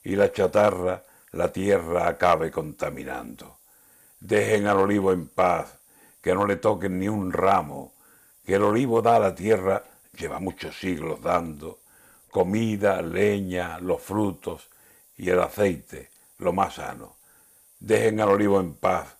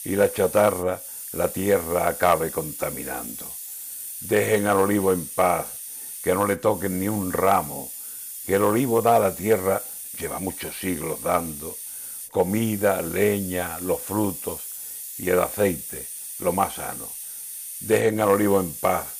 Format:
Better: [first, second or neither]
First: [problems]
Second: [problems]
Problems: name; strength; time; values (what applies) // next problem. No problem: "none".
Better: first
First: hiss; faint; throughout; 30 dB below the speech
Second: hiss; loud; throughout; 9 dB below the speech